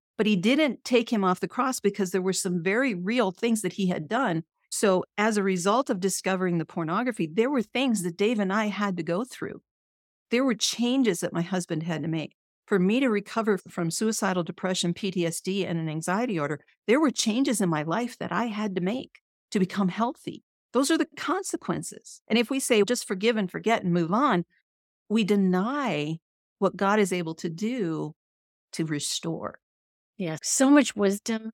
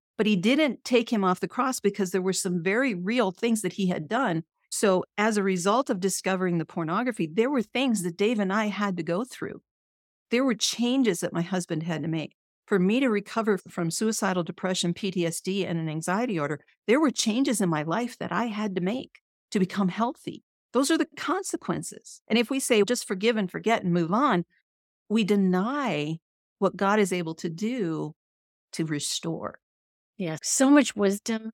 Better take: neither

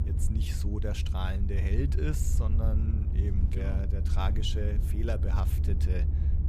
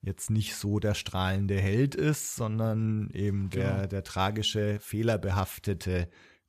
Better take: second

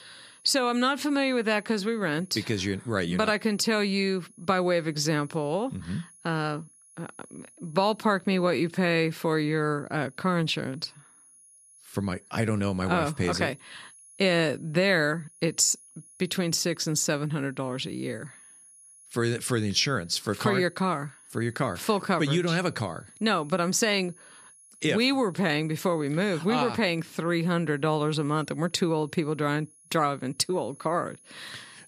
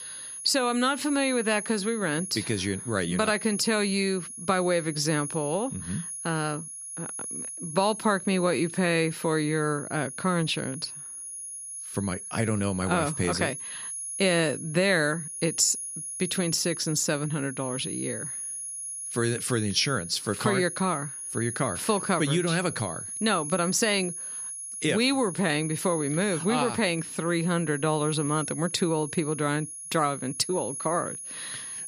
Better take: first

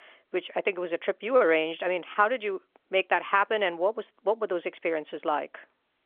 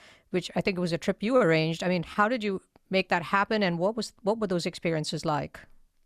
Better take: second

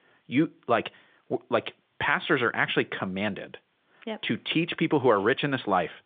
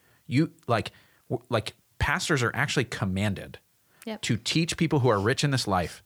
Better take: second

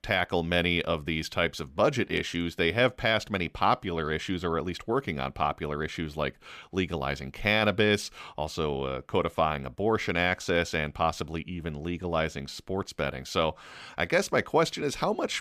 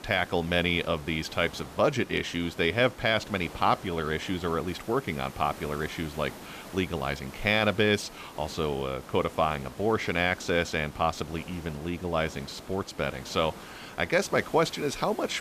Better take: first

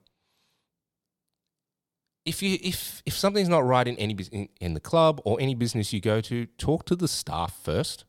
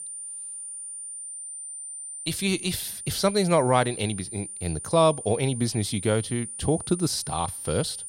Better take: first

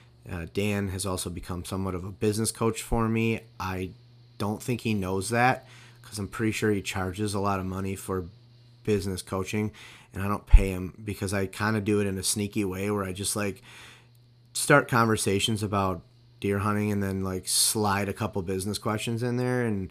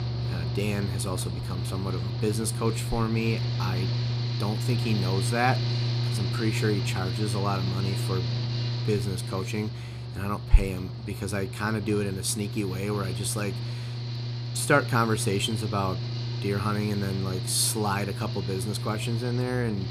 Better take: first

